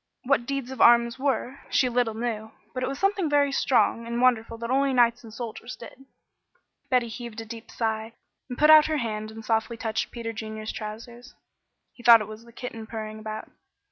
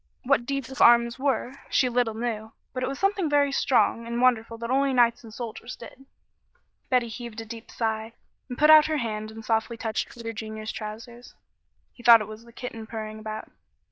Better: first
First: none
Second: noise reduction (neural diffusion model UNIVERSE++)

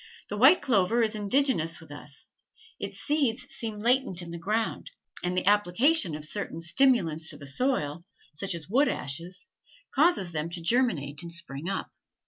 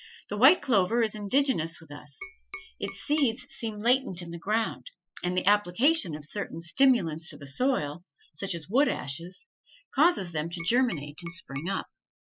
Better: first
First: none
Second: noise reduction (classical method spectral subtraction)

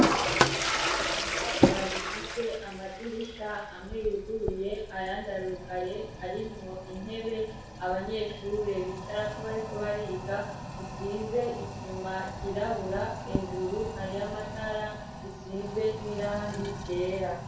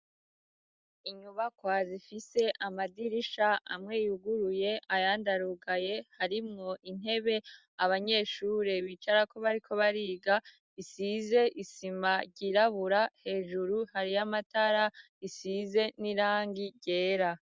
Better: second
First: background sound (Toilet flush); 1 dB above the speech // room echo; dies away in 0.6 s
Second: none

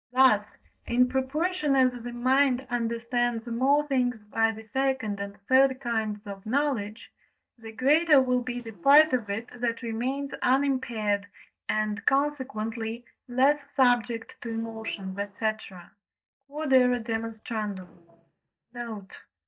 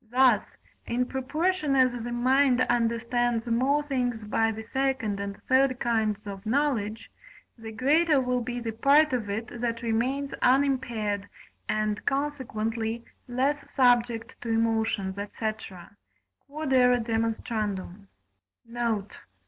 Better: second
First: noise reduction (neural mask model DeepFilterNet 3)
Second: none

